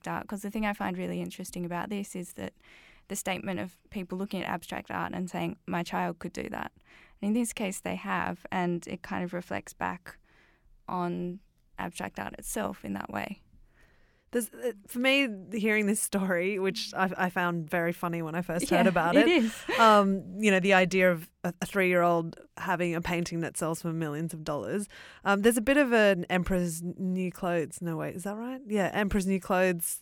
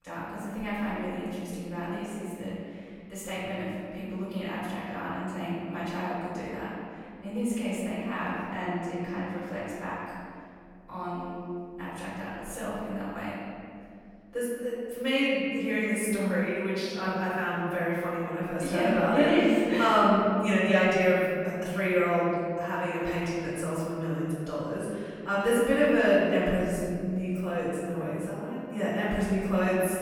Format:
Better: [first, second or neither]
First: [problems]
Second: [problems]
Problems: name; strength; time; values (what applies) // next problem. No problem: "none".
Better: first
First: none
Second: room echo; strong; dies away in 2.2 s // off-mic speech; far